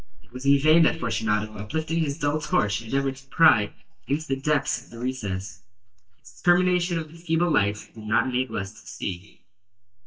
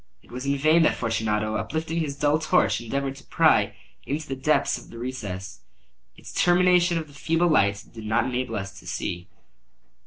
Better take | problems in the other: second | noise reduction (neural mask model DeepFilterNet 3)

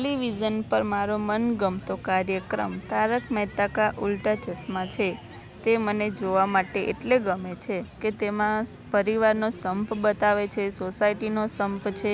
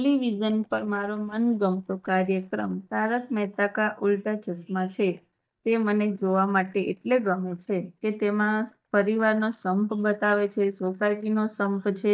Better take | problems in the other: first | noise reduction (neural mask model DeepFilterNet 3)

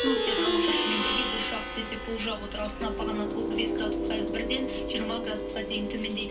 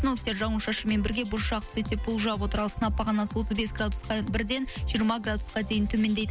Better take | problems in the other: second | background sound (Plucked string instrument); 3 dB above the speech // room echo; dies away in 0.3 s

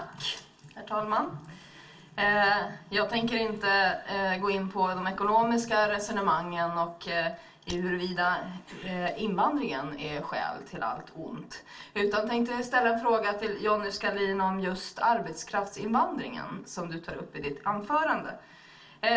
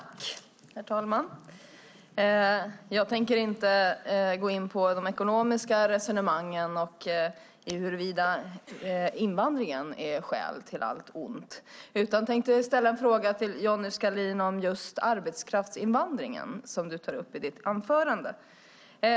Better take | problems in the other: second | room echo; dies away in 0.2 s

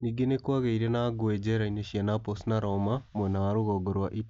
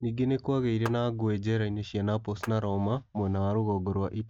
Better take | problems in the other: first | noise reduction (neural mask model RNNoise)

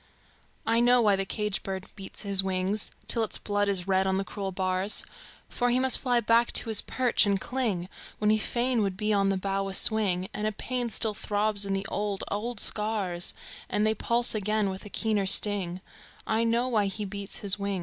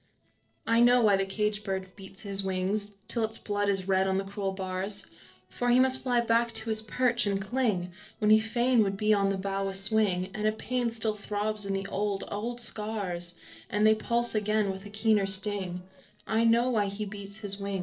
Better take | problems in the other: first | noise reduction (neural separator model SepFormer DNS4)

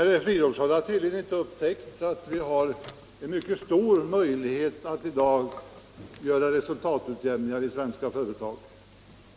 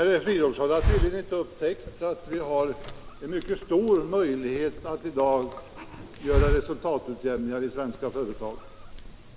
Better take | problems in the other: first | background sound (Hiss); 6 dB below the speech

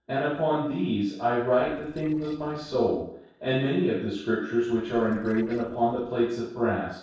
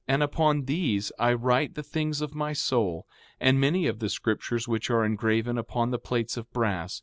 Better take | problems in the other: second | noise reduction (neural separator model SepFormer DNS4)

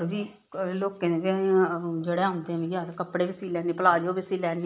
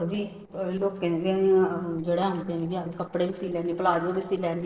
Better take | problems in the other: first | noise reduction (neural separator model SepFormer DNS4)

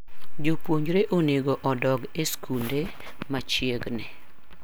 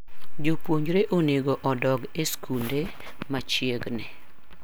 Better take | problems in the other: second | background sound (Run); 19 dB below the speech

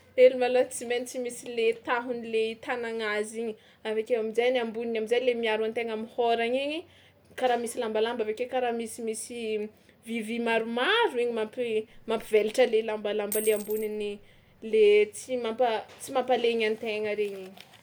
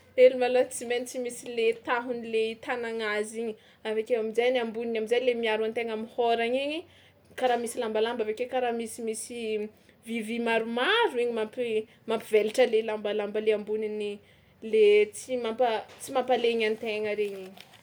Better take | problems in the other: second | background sound (Coin (dropping)); 15 dB below the speech

